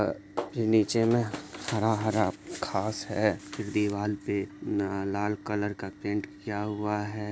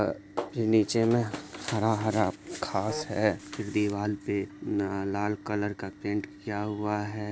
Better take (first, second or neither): first